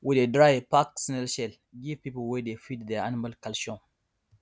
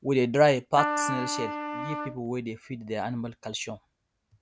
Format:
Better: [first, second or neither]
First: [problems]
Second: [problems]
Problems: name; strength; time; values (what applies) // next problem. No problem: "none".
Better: first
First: none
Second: background sound (Trumpet); 4 dB below the speech